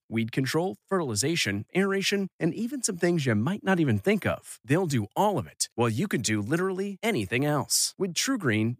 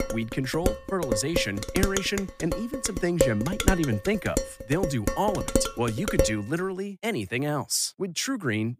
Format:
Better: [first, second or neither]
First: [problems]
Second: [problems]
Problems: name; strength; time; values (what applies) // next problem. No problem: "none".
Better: first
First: none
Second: clattering dishes; loud; until 6.5 s; peak 2 dB above the speech